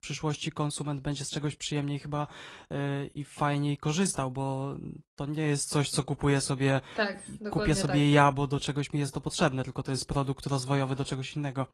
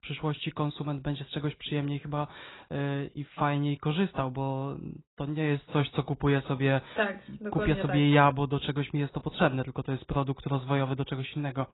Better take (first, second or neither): first